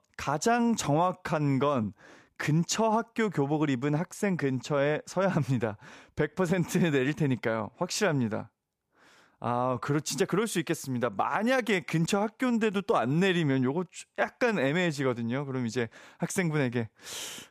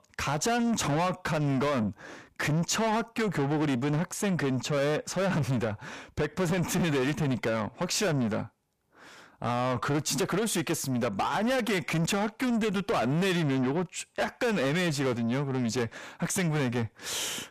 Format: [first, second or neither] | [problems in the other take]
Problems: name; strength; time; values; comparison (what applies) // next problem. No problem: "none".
first | distortion; heavy; 7 dB below the speech